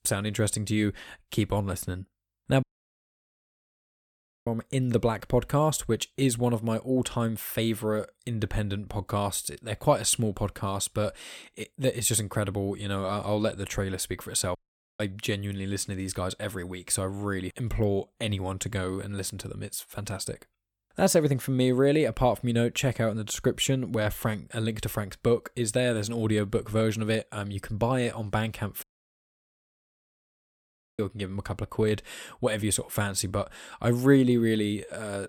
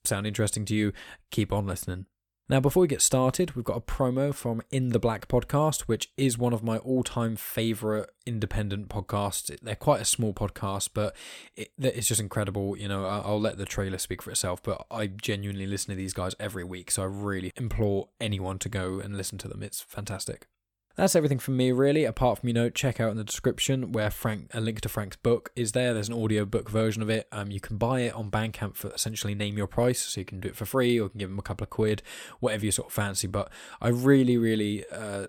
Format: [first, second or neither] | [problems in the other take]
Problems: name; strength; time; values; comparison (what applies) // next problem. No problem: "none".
second | audio cutting out; at 2.5 s for 2 s, at 15 s and at 29 s for 2 s